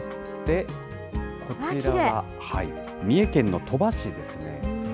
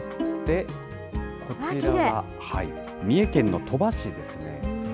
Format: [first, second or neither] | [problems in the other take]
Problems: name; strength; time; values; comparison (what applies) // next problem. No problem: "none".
first | background sound (Bowed string instrument); 8 dB below the speech